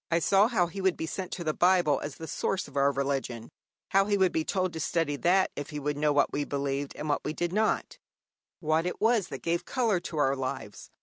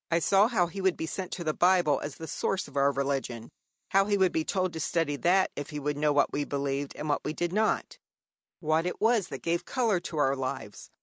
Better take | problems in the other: first | noise reduction (neural mask model Resemble Enhance denoiser)

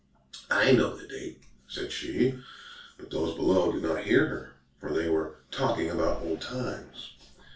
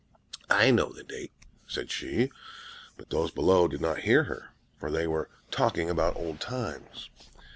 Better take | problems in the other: second | room echo; dies away in 0.3 s

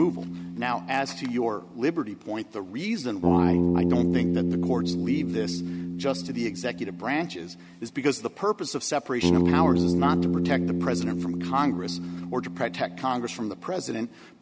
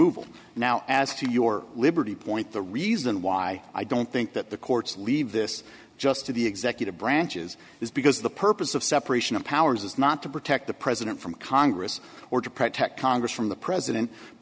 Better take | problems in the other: second | background sound (Bass guitar); 1 dB above the speech

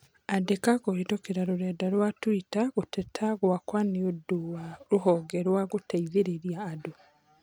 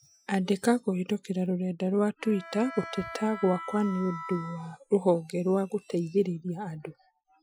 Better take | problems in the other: first | noise reduction (classical method Wiener filter)

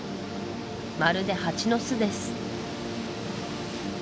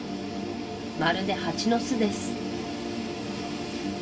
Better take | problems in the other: first | room echo; dies away in 0.2 s

